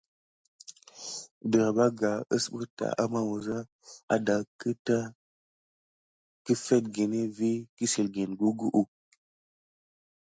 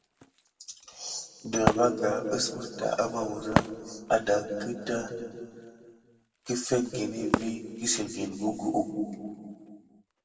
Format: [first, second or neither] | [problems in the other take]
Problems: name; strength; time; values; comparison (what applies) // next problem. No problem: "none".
first | background sound (Wood); 5 dB below the speech // room echo; dies away in 2.1 s